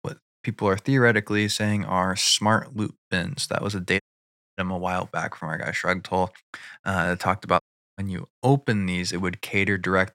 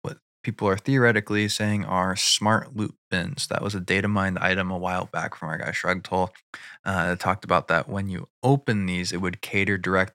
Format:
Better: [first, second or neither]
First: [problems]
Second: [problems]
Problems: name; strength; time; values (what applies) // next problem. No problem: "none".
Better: second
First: audio cutting out; at 4 s for 0.5 s and at 7.5 s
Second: none